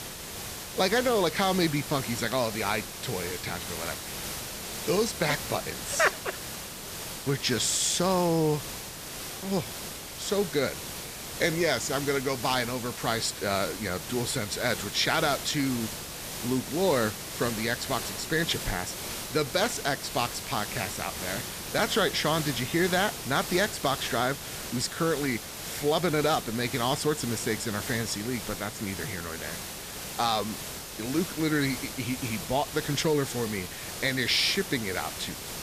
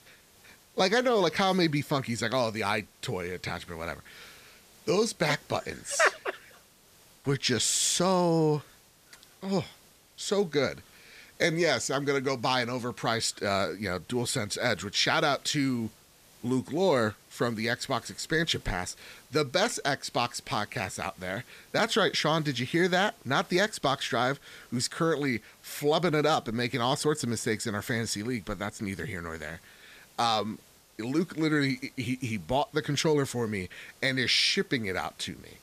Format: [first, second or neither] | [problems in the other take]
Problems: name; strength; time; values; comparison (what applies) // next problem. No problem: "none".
second | hiss; loud; throughout; 7 dB below the speech; faint in the second